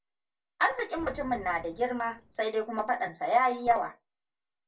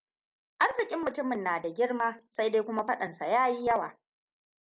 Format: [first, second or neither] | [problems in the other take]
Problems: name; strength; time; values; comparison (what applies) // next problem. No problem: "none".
second | background sound (Boom); 19 dB below the speech // room echo; dies away in 0.2 s